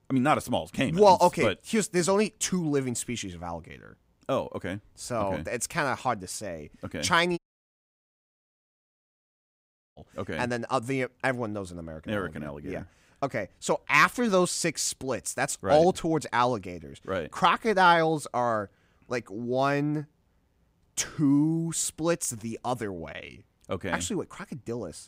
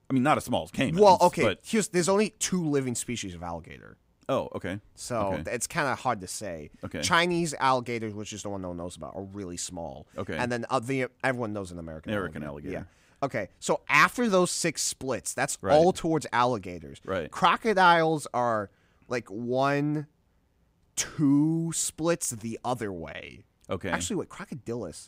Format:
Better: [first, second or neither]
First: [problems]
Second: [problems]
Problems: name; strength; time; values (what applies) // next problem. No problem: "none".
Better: second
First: audio cutting out; at 7.5 s for 2.5 s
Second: none